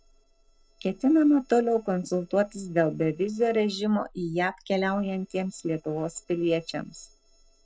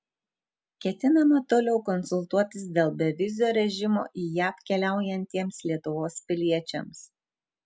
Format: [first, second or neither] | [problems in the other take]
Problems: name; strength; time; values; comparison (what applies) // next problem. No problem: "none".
second | noise reduction (neural separator model SepFormer DNS4)